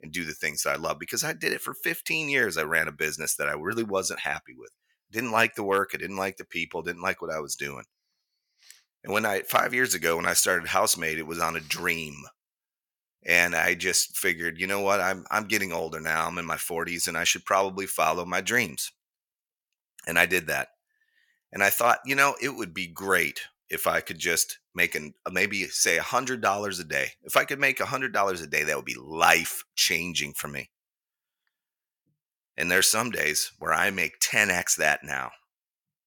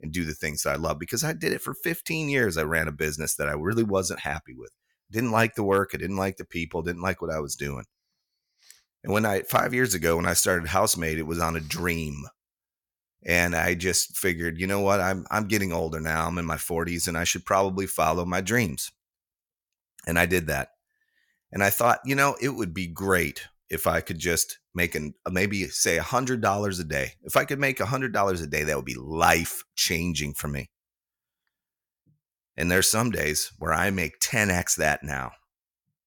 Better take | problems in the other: second | thin; somewhat; fading below 450 Hz

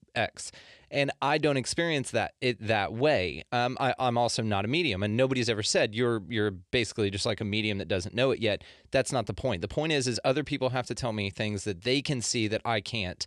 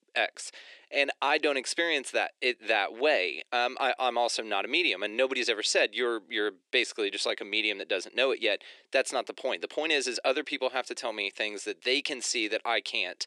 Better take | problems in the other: first | thin; somewhat; fading below 300 Hz

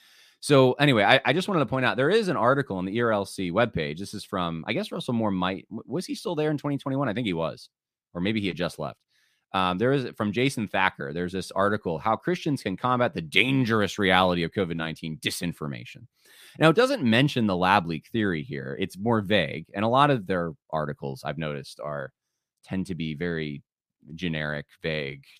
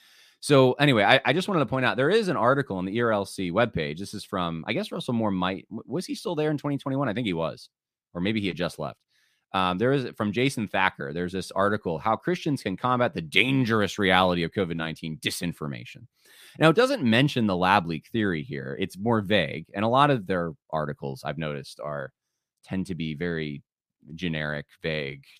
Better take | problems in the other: neither | none

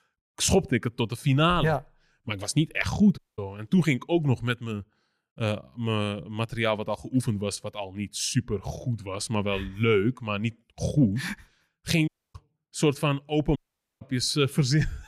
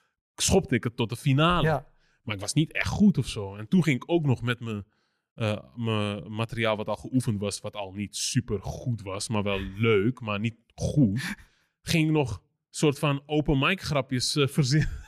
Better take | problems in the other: second | audio cutting out; at 3 s, at 12 s and at 14 s

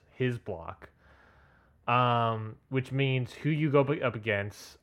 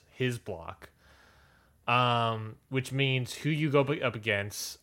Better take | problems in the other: second | muffled; slightly; fading above 3 kHz

